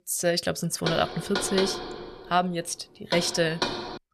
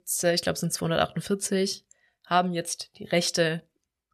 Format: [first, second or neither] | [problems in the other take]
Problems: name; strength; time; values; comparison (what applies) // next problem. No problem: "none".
second | door banging; noticeable; from 1 s on; peak 1 dB below the speech